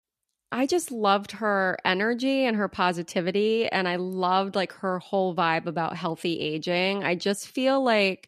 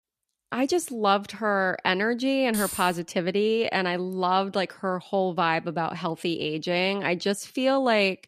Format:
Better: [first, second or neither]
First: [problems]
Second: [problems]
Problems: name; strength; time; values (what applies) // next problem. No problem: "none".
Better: first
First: none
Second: jangling keys; noticeable; at 2.5 s; peak 6 dB below the speech